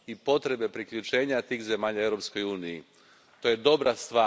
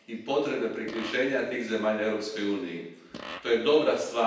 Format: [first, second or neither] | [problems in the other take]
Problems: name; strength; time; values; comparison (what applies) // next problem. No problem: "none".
first | background sound (Fart); 17 dB below the speech // room echo; dies away in 0.9 s